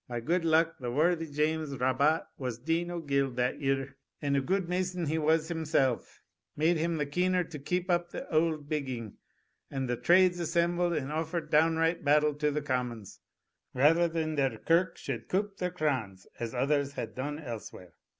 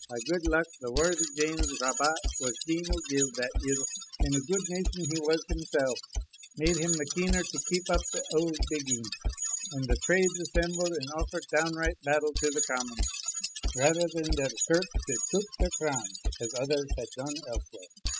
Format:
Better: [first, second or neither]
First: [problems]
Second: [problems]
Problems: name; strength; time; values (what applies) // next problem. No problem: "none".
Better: first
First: none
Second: noise reduction (classical method spectral subtraction)